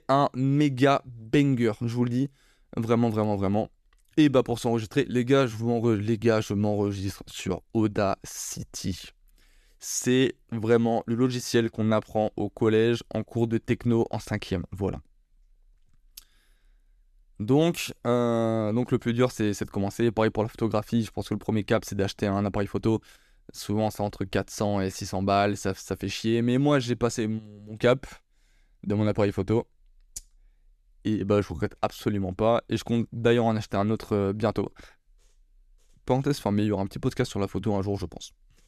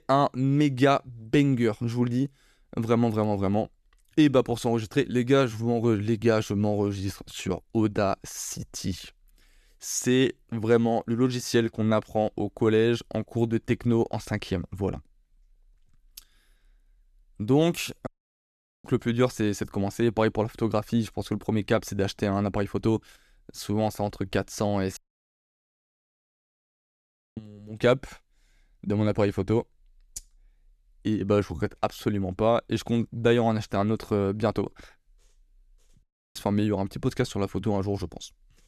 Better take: first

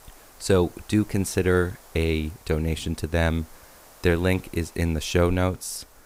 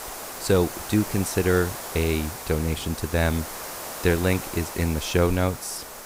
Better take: first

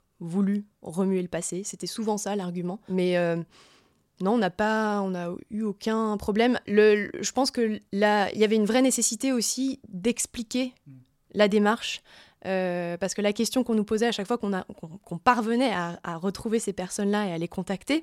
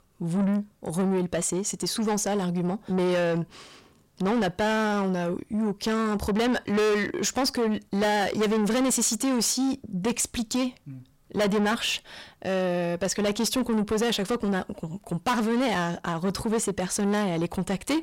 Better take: first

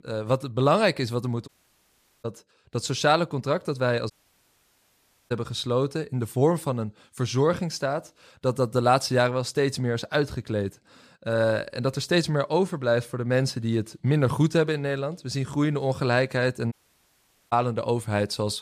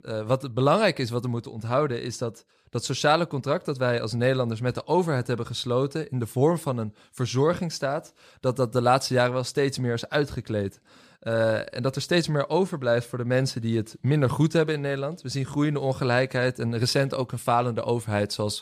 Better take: second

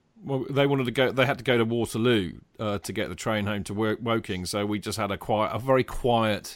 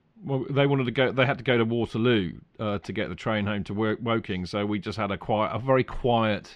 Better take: first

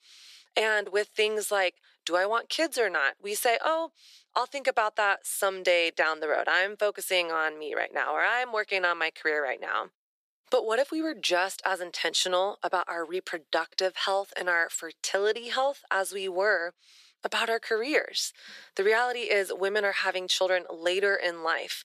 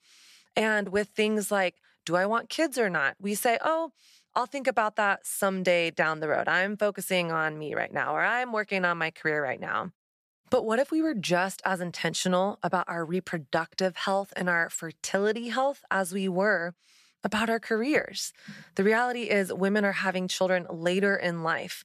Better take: second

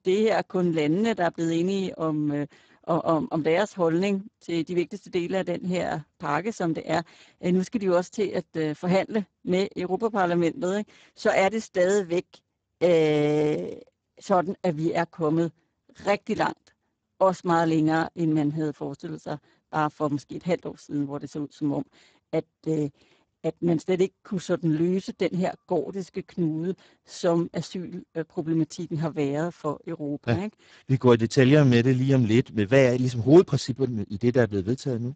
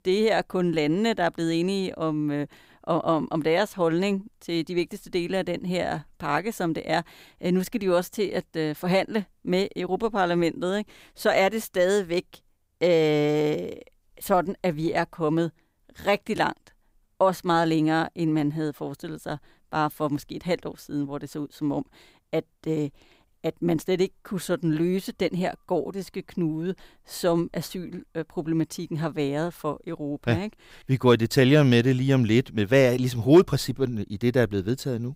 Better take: second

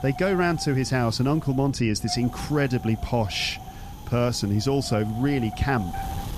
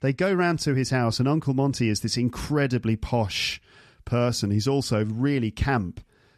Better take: second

